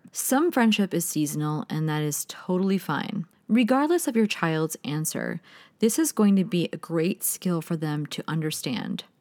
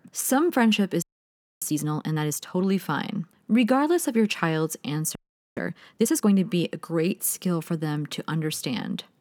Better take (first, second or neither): first